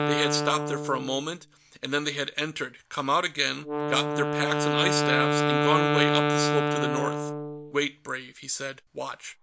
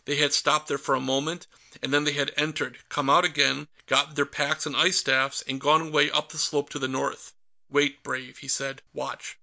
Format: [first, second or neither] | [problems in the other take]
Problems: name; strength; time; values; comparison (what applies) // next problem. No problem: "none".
second | background sound (Wind instrument, woodwind instrument); 2 dB above the speech